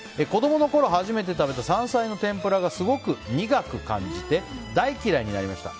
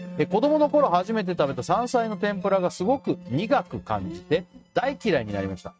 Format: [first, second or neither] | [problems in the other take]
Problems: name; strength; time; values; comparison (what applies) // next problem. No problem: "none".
first | noise reduction (neural mask model RNNoise)